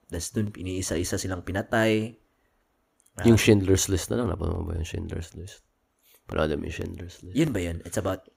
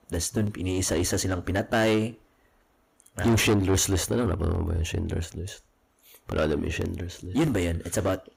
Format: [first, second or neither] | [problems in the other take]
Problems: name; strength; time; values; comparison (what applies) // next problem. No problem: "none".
first | distortion; heavy; 7 dB below the speech